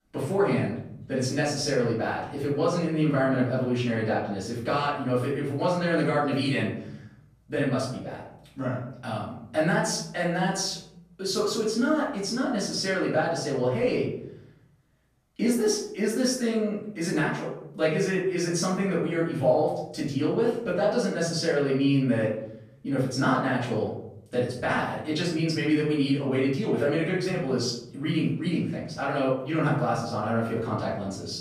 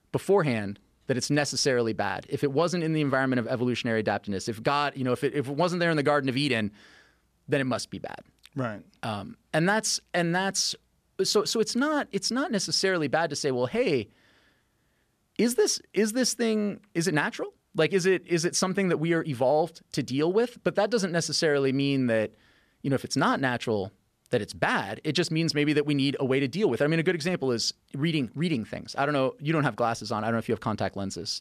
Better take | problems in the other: second | room echo; noticeable; dies away in 0.7 s // off-mic speech; far

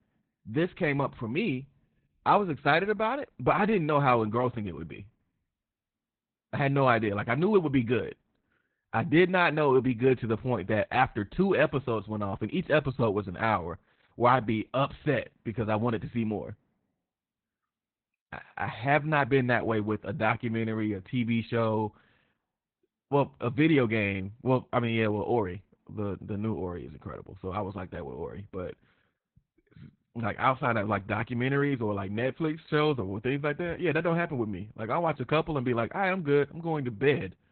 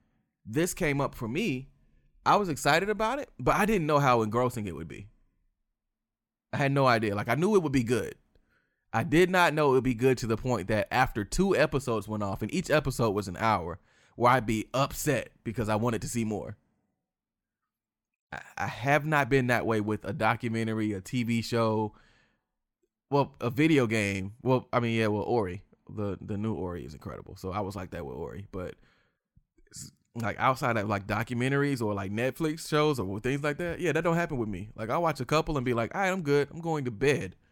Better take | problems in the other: second | garbled, watery; badly; nothing above 4 kHz

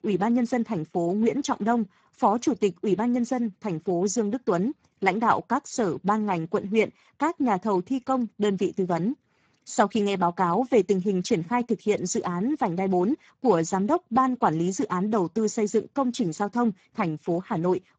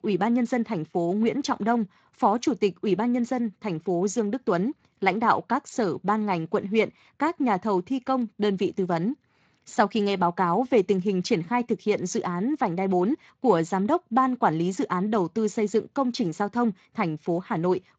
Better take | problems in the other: second | garbled, watery; badly; nothing above 7.5 kHz; slightly in the second

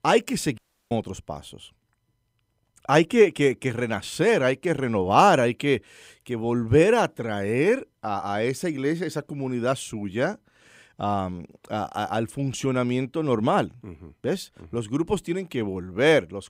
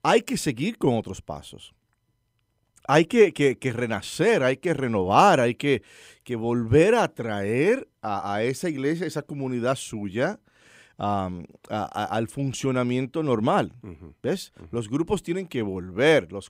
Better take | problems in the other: second | audio cutting out; at 0.5 s

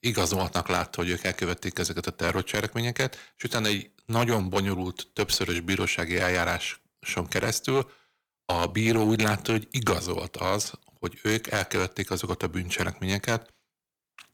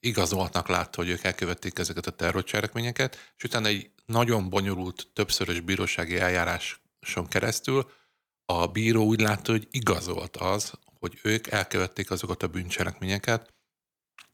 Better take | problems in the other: second | distortion; slight; 3% of the sound clipped

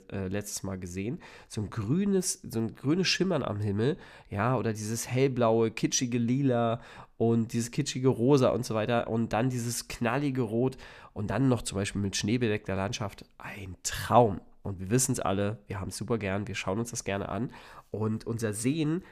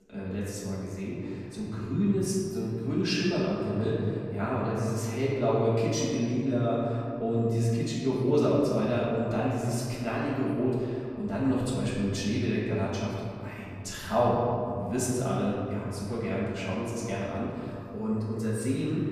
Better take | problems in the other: first | room echo; strong; dies away in 2.4 s // off-mic speech; far

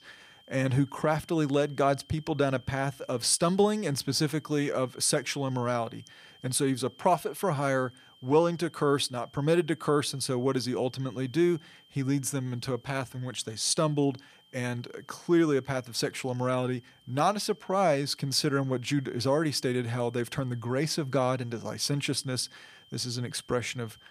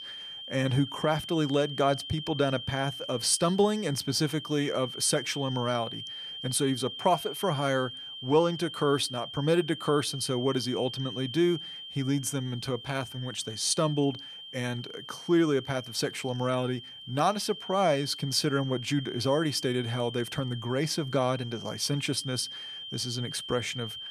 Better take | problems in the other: first | high-pitched whine; loud; throughout; 3 kHz, 10 dB below the speech; faint in the first

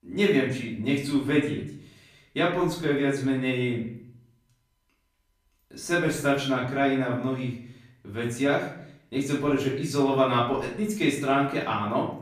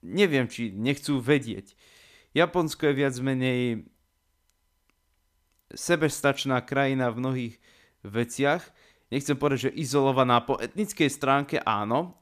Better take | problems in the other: second | off-mic speech; far // room echo; noticeable; dies away in 0.6 s

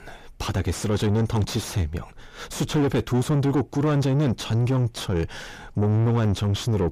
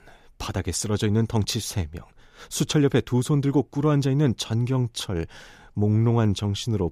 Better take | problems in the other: second | distortion; heavy; 6 dB below the speech

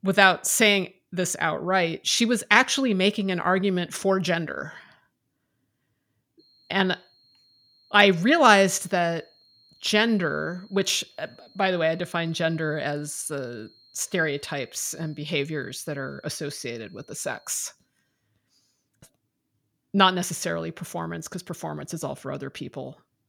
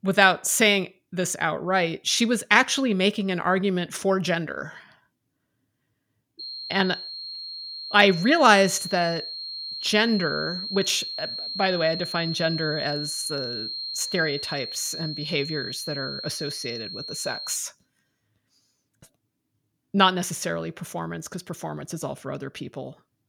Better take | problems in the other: first | high-pitched whine; loud; from 6.5 to 18 s; 4.5 kHz, 7 dB below the speech; faint in the first

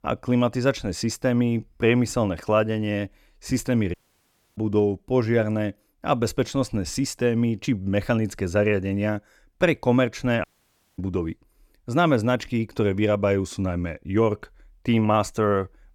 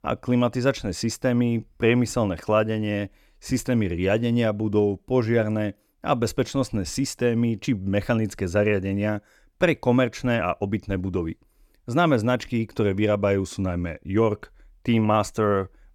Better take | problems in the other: second | audio cutting out; at 4 s for 0.5 s and at 10 s for 0.5 s

